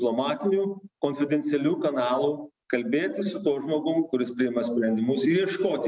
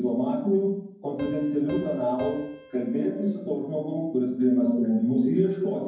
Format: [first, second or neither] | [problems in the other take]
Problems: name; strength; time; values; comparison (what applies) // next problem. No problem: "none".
first | background sound (Piano); 19 dB below the speech // room echo; dies away in 0.9 s